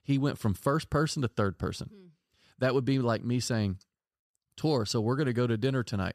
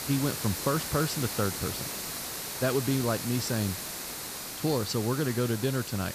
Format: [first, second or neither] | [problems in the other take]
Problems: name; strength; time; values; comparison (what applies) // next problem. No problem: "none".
first | hiss; loud; throughout; 4 dB below the speech